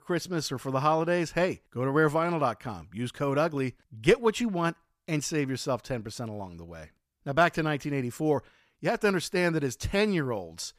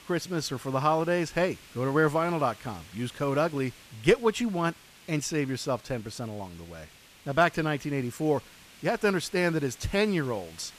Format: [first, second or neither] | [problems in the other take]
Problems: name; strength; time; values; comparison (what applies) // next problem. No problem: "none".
first | hiss; faint; throughout; 20 dB below the speech